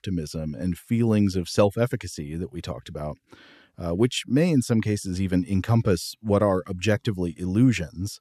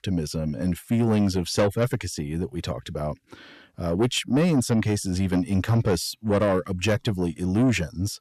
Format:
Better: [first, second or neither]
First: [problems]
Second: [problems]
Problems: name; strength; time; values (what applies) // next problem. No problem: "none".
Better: first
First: none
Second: distortion; slight; 10 dB below the speech